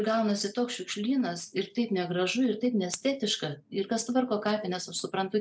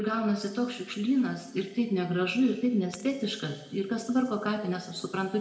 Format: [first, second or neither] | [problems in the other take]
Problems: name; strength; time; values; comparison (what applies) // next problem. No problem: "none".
first | room echo; dies away in 1.9 s